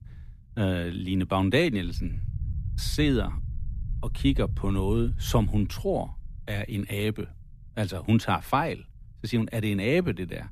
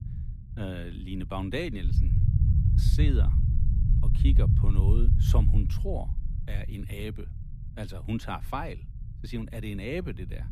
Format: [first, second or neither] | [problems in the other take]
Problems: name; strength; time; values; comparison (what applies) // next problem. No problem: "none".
first | low rumble; loud; throughout; 4 dB below the speech; faint in the first